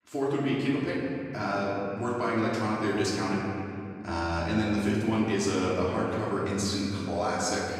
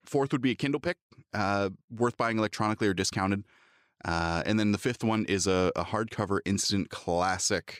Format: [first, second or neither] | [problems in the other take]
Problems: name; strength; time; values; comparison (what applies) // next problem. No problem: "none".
second | off-mic speech; far // room echo; noticeable; dies away in 2.5 s